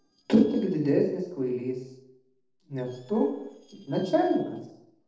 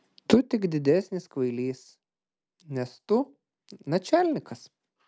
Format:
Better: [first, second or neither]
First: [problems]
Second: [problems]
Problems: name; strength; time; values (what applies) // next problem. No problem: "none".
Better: second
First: noise reduction (neural separator model SepFormer DNS4)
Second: none